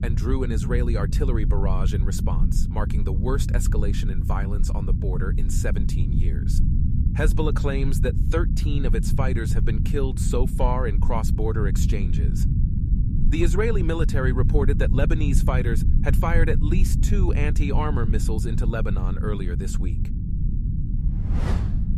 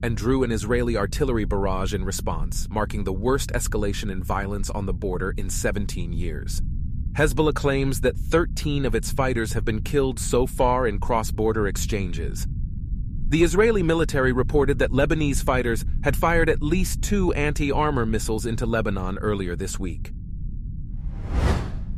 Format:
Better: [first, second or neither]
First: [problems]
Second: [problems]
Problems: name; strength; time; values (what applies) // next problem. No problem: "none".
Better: second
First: low rumble; loud; throughout; 7 dB below the speech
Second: low rumble; faint; throughout; 20 dB below the speech